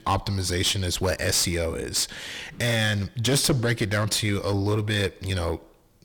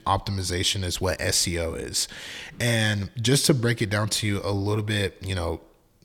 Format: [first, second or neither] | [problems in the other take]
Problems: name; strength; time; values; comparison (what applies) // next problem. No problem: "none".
second | distortion; slight; 8% of the sound clipped